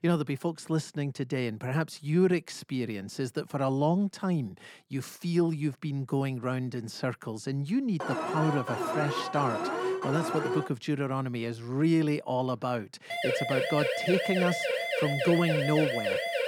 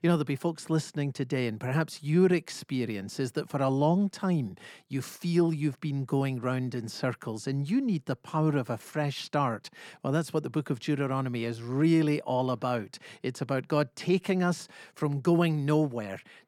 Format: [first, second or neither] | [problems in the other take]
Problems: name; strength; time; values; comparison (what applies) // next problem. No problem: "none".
second | alarm; noticeable; from 8 to 11 s; peak level with the speech // siren; loud; from 13 s on; peak 1 dB above the speech